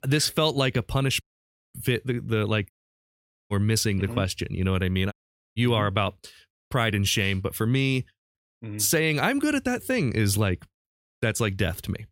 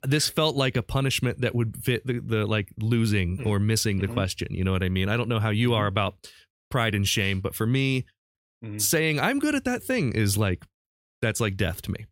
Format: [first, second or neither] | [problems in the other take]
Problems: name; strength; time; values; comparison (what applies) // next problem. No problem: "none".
second | audio cutting out; at 1 s for 0.5 s, at 2.5 s for 1 s and at 5 s